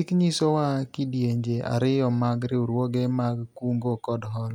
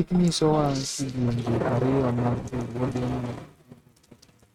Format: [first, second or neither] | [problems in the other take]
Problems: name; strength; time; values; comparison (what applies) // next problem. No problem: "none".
first | noise reduction (neural mask model RNNoise)